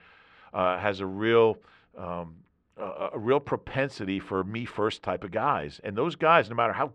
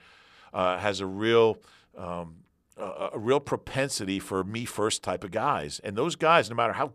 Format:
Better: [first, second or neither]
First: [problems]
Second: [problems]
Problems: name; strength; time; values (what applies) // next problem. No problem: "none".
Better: second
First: muffled; slightly; fading above 2.5 kHz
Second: none